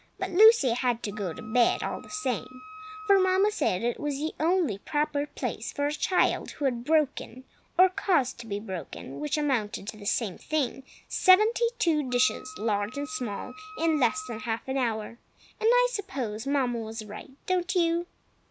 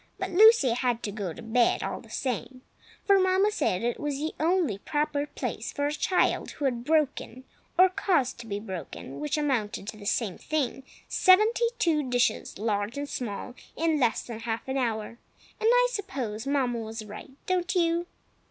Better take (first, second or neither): second